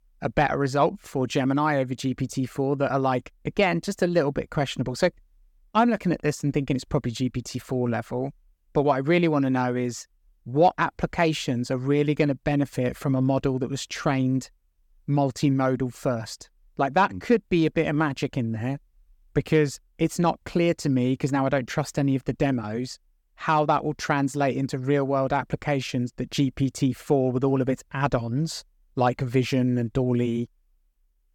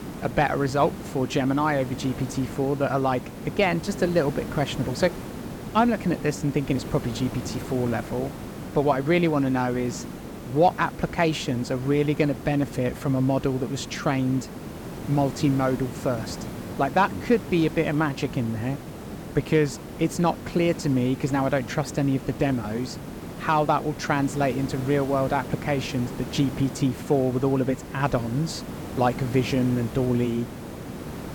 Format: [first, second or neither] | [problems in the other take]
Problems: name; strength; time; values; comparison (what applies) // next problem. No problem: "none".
first | hiss; noticeable; throughout; 10 dB below the speech